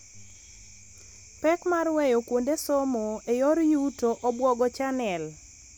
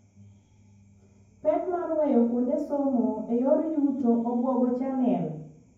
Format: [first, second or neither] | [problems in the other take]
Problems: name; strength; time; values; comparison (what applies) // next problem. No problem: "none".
first | room echo; dies away in 0.9 s